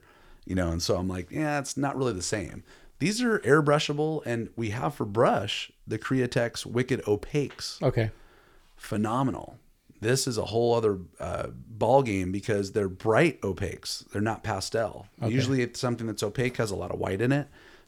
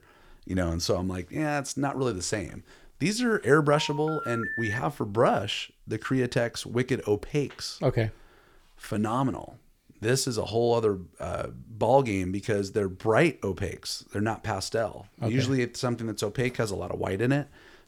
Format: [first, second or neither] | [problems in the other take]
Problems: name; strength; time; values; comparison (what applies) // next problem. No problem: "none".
first | phone ringing; noticeable; from 3.5 to 5 s; peak 3 dB below the speech